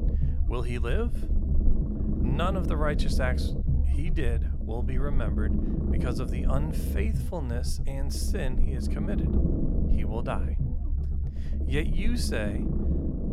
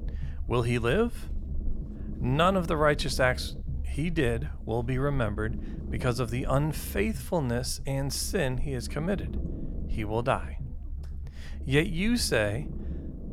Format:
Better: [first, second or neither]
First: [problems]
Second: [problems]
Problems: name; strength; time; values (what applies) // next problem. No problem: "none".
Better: second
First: low rumble; loud; throughout; 5 dB below the speech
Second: low rumble; faint; throughout; 20 dB below the speech